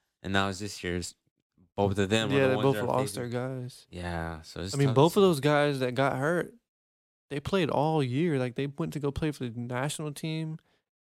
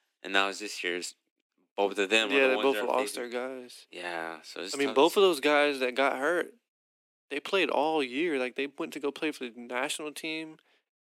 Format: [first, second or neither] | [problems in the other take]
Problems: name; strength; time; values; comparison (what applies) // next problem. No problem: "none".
first | thin; somewhat; fading below 250 Hz